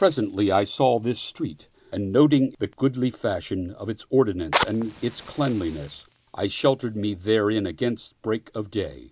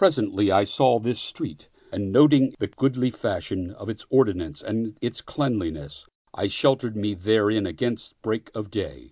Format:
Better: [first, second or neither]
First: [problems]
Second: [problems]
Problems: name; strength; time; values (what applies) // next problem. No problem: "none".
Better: second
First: background sound (Fire); 14 dB below the speech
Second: none